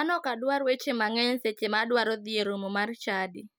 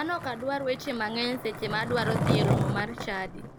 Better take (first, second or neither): first